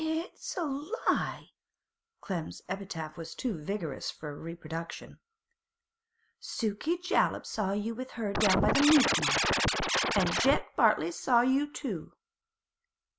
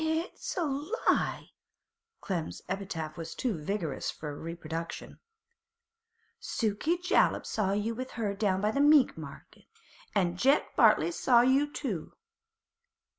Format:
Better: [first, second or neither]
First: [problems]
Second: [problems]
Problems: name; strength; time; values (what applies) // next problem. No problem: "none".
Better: second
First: background sound (Scratching (performance technique)); 3 dB above the speech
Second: none